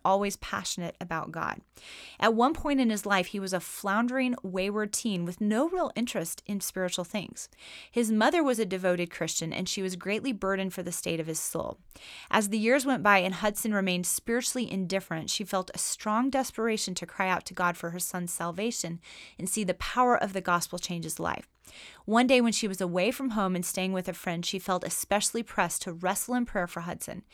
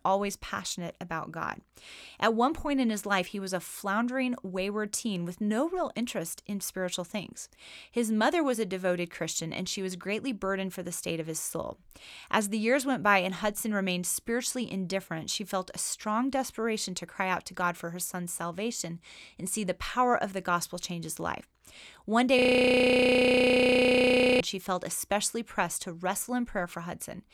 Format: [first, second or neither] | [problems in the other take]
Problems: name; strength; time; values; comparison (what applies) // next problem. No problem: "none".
first | audio freezing; at 22 s for 2 s